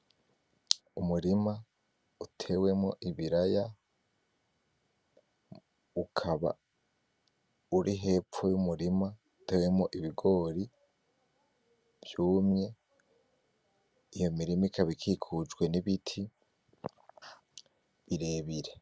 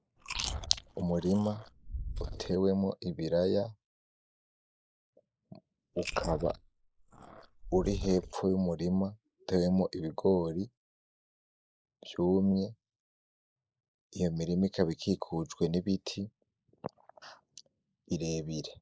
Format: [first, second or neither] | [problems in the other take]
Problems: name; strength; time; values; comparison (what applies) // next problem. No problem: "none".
first | noise reduction (neural mask model Resemble Enhance denoiser)